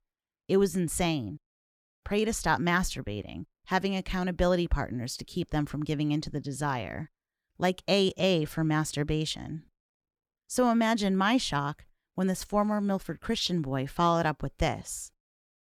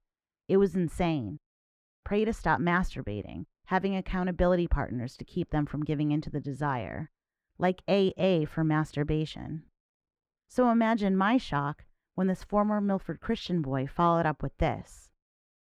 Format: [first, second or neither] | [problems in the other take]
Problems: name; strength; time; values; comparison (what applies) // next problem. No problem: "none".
first | muffled; slightly; fading above 3.5 kHz